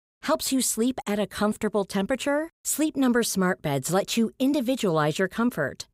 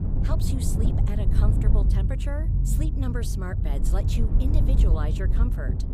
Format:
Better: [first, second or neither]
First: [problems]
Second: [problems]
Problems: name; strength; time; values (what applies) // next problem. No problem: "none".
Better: first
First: none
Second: low rumble; loud; throughout; 1 dB below the speech